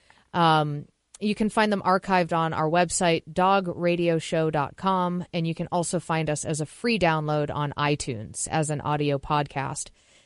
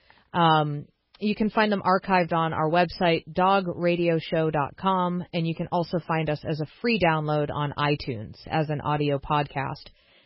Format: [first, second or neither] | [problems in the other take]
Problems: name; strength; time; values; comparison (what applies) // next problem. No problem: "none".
first | garbled, watery; badly; nothing above 5.5 kHz; slightly in the first